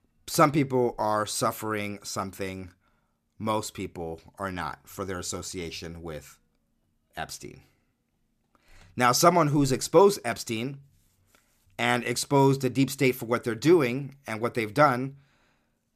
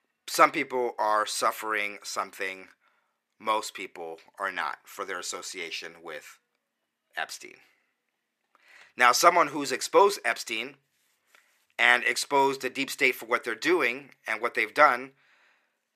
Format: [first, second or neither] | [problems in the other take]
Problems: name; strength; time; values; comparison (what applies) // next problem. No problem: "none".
first | thin; somewhat; fading below 450 Hz